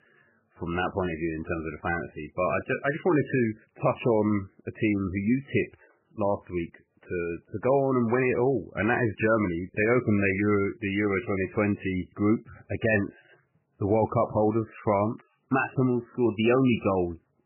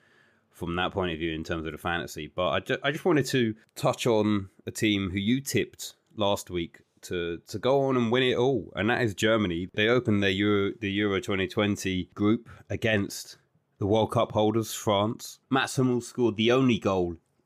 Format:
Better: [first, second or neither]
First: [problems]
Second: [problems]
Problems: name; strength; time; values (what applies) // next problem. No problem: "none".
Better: second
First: garbled, watery; badly; nothing above 3 kHz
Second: none